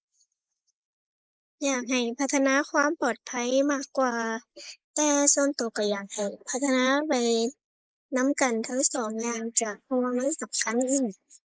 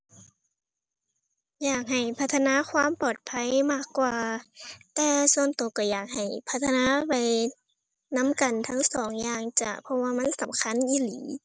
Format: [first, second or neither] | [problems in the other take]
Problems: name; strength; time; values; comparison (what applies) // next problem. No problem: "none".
second | noise reduction (neural mask model Resemble Enhance denoiser)